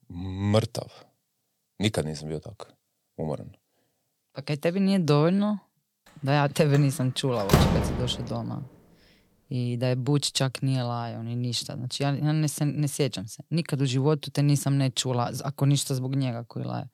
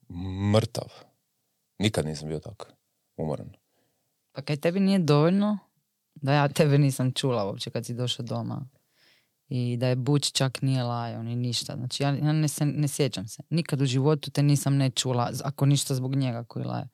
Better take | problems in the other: second | door banging; loud; at 7.5 s; peak 5 dB above the speech

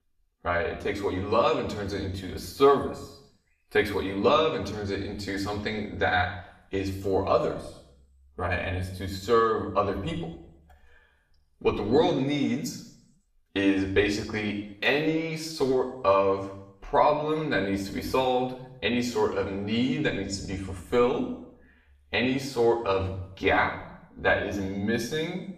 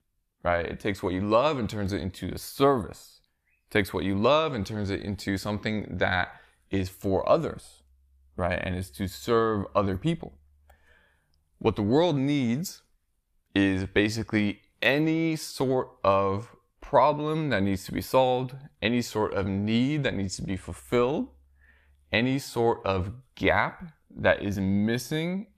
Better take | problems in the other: second | room echo; slight; dies away in 0.7 s // off-mic speech; far

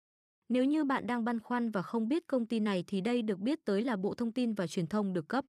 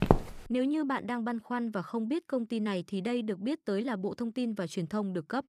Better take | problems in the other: first | footsteps; loud; at the start; peak 5 dB above the speech

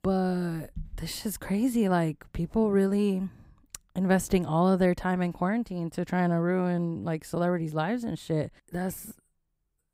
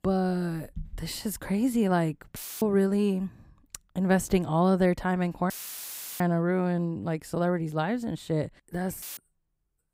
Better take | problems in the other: first | audio cutting out; filled with static; at 2.5 s, at 5.5 s for 0.5 s and at 9 s

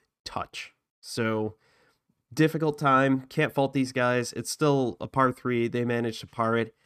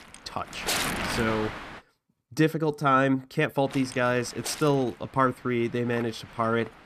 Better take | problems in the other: first | wind noise on the microphone; heavy; until 2 s and from 3.5 s on; 6 dB below the speech

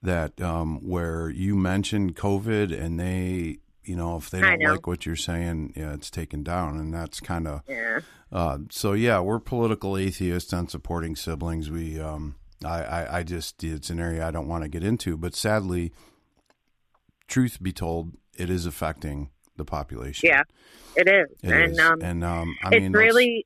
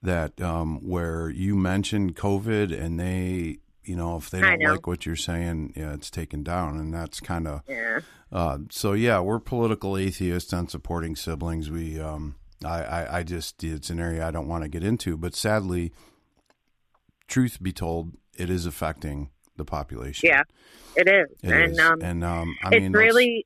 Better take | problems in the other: neither | none

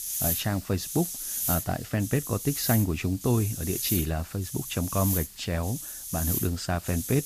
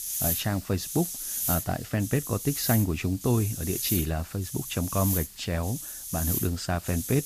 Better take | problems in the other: neither | hiss; loud; throughout; 2 dB below the speech; the same in both

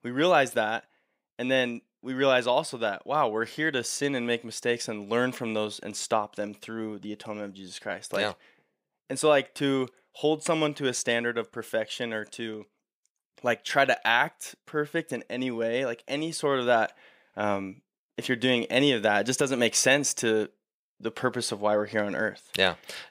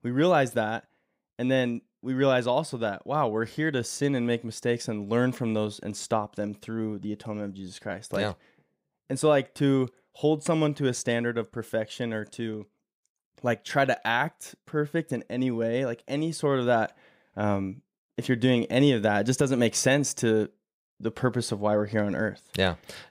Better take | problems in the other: second | thin; very slightly; fading below 1 kHz

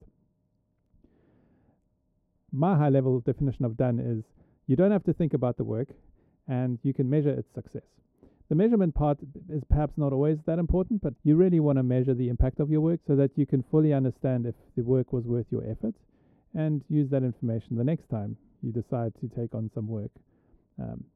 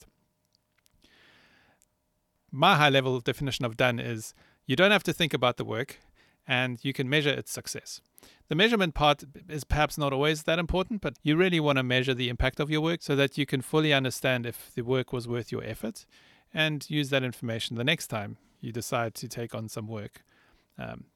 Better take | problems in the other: second | muffled; very; fading above 1 kHz

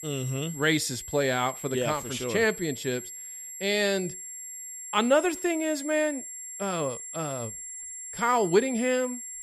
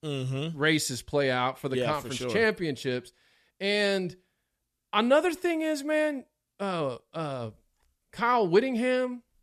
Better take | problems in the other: second | high-pitched whine; loud; throughout; 7.5 kHz, 10 dB below the speech

